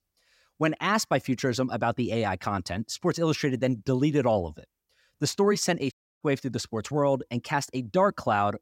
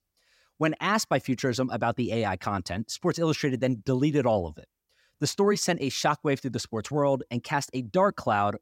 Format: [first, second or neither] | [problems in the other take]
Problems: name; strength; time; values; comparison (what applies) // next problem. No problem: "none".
second | audio cutting out; at 6 s